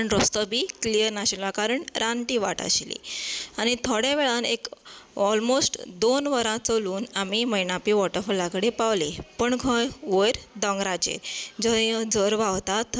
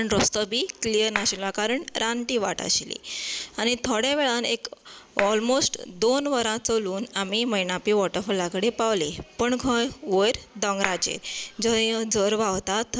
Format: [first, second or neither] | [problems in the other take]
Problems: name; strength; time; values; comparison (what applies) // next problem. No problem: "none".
first | background sound (Clapping); 11 dB below the speech